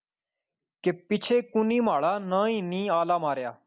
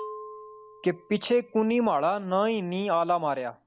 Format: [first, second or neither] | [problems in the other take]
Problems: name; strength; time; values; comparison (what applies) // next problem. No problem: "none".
first | background sound (Bell); 20 dB below the speech